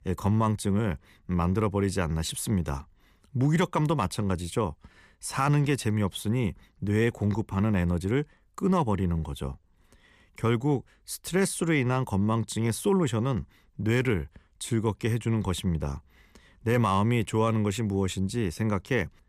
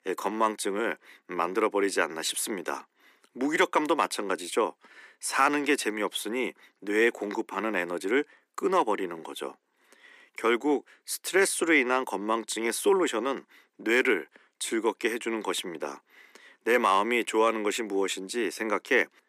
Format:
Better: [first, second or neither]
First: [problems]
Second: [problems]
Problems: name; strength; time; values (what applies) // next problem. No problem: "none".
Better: first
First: none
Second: thin; very; fading below 300 Hz